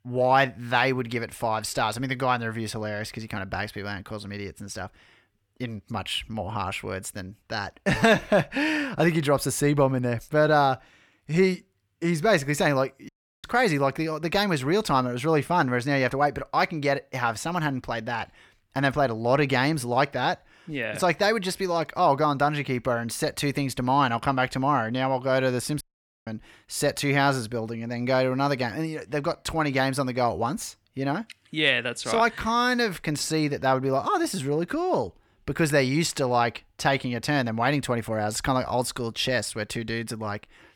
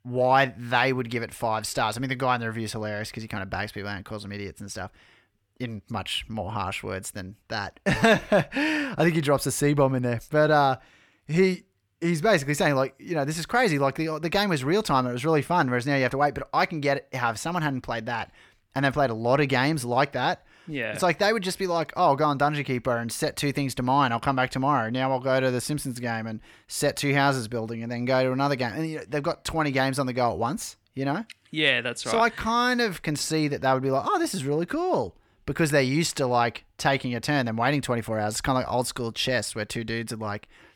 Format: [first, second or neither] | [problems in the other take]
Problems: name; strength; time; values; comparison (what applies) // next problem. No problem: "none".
second | audio cutting out; at 13 s and at 26 s